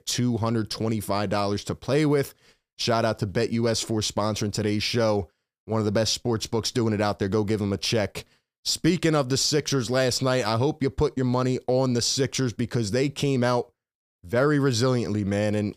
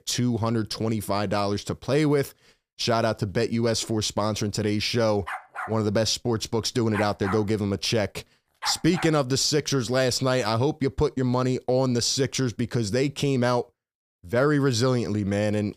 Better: first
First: none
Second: dog barking; noticeable; from 5.5 to 9 s; peak 8 dB below the speech

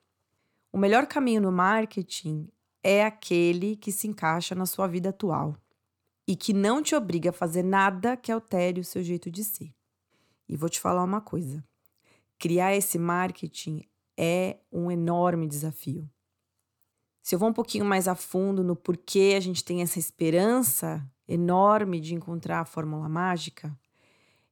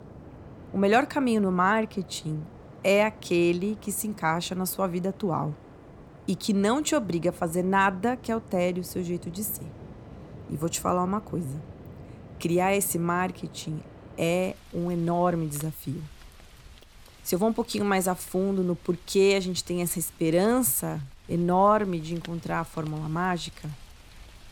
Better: first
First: none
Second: rain or running water; faint; throughout; 20 dB below the speech

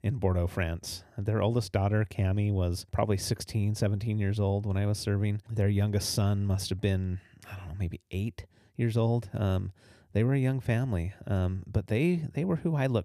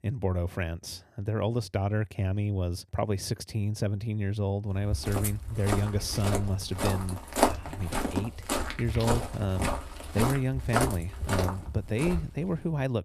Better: first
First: none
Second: footsteps; loud; from 5 to 12 s; peak 5 dB above the speech

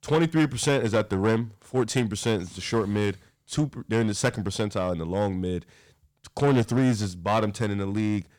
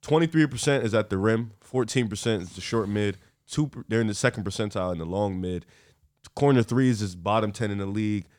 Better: second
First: distortion; slight; 5% of the sound clipped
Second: none

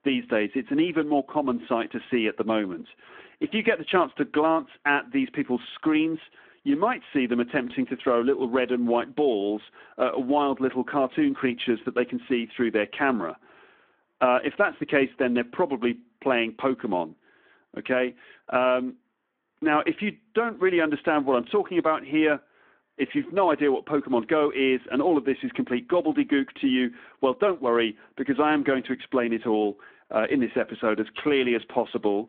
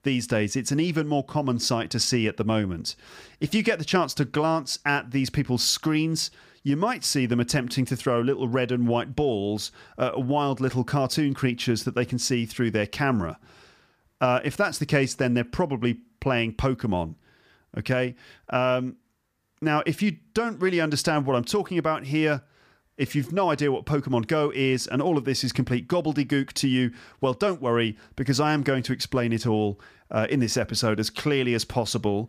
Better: second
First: phone-call audio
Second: none

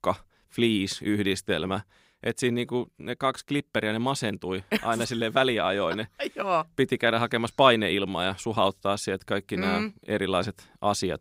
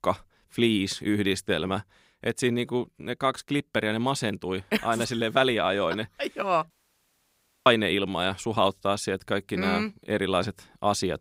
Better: first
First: none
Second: audio cutting out; at 6.5 s for 1 s

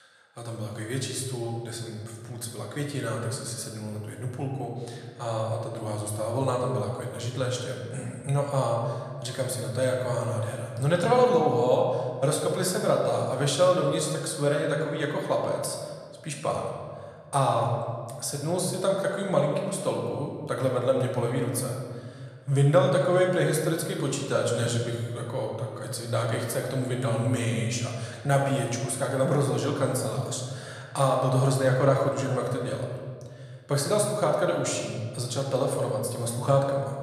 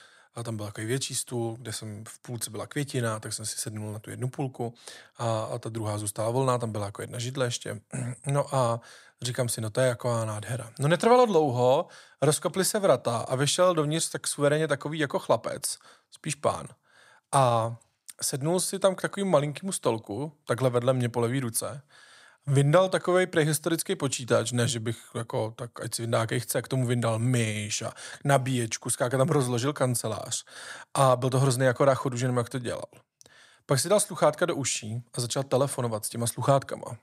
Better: second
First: room echo; noticeable; dies away in 1.7 s // off-mic speech; somewhat distant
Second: none

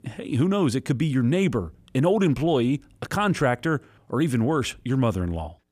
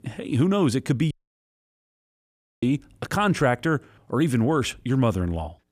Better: first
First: none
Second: audio cutting out; at 1 s for 1.5 s

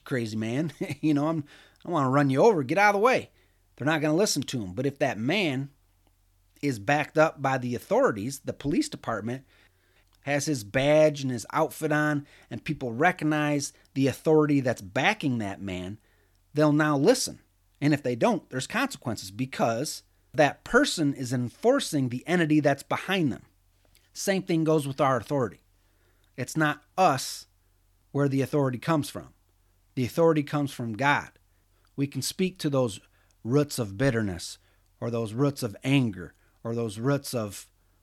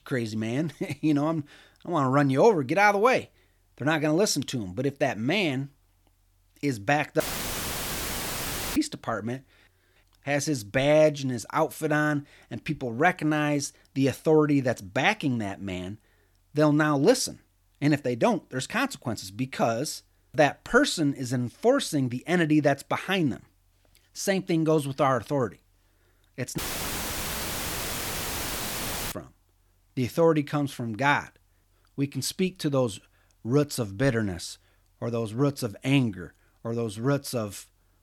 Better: first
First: none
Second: audio cutting out; filled with static; at 7 s for 1.5 s and at 27 s for 2.5 s

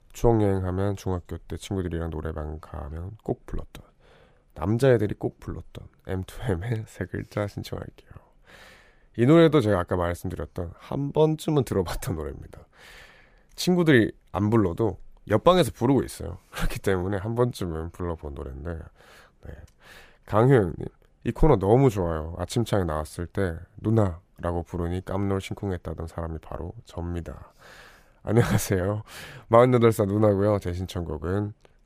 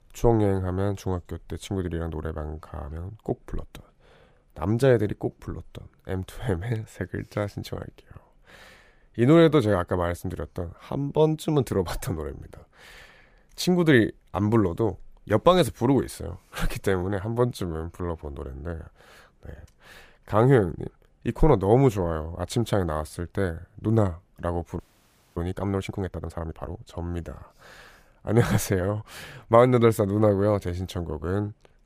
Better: first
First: none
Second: audio freezing; at 25 s for 0.5 s

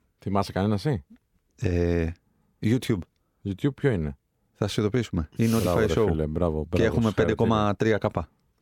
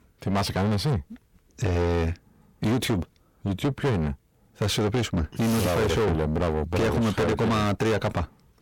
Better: first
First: none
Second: distortion; heavy; 5 dB below the speech

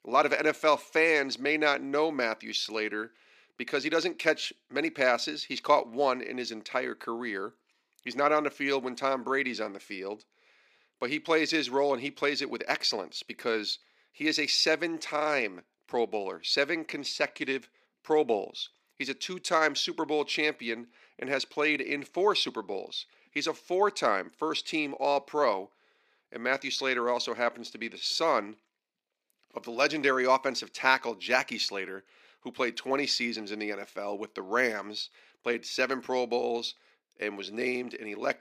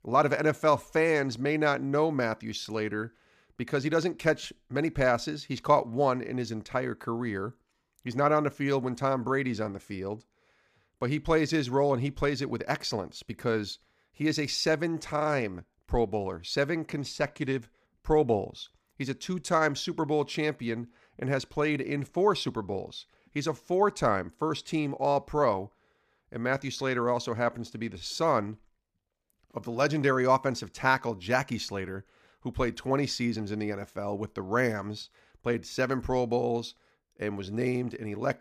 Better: second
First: thin; very slightly; fading below 300 Hz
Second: none

